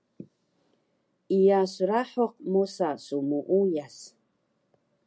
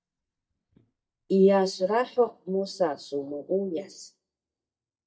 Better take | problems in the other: first | noise reduction (neural mask model DeepFilterNet 3)

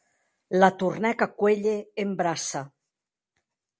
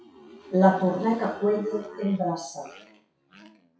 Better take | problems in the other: first | noise reduction (classical method WPE with log-MMSE)

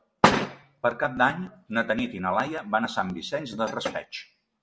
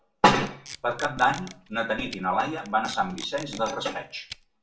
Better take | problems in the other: first | background sound (Packing tape, duct tape); 18 dB below the speech // room echo; dies away in 0.3 s

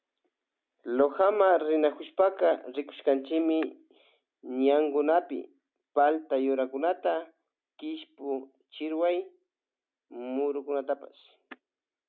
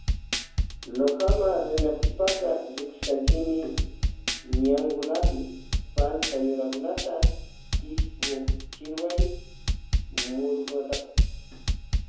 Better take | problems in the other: first | background sound (Drum kit); 2 dB above the speech // room echo; dies away in 0.7 s

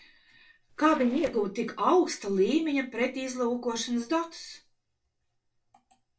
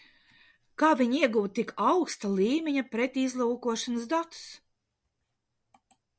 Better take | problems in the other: second | noise reduction (neural separator model SepFormer DNS4)

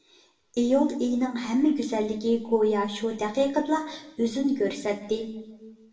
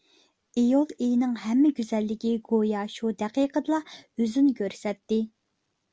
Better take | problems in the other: second | room echo; dies away in 0.8 s

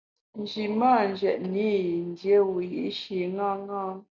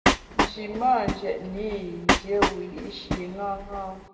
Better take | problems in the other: first | background sound (Train); 2 dB above the speech // room echo; dies away in 1.6 s

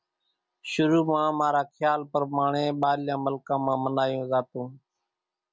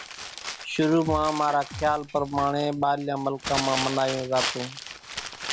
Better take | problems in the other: first | background sound (Crumpling, crinkling + Drum kit); 8 dB below the speech

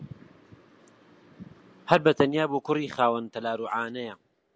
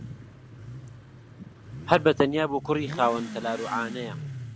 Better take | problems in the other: first | background sound (Motorcycle / Accelerating, revving, vroom); 11 dB below the speech

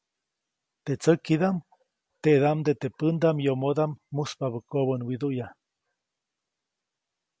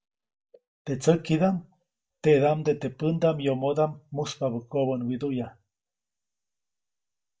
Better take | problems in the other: first | noise reduction (neural mask model DeepFilterNet 3)

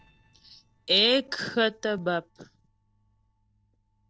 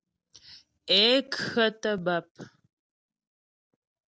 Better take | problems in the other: second | noise reduction (neural separator model SepFormer DNS4)

